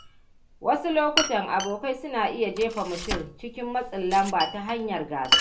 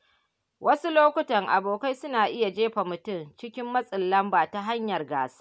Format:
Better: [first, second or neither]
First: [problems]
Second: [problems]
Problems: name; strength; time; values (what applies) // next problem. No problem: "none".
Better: second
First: background sound (Glass); 4 dB below the speech // room echo; dies away in 0.3 s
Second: none